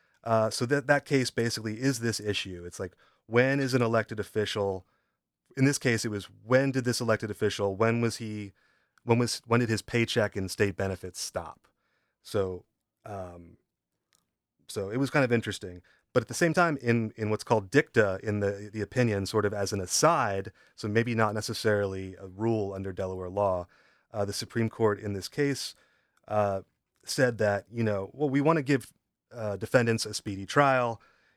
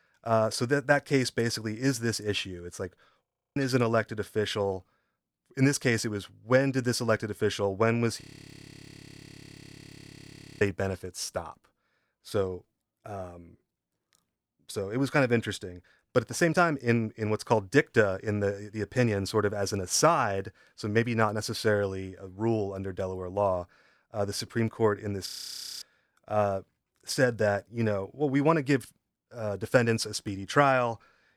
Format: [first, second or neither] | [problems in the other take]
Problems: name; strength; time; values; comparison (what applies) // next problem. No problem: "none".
first | audio freezing; at 3.5 s, at 8 s for 2.5 s and at 25 s for 0.5 s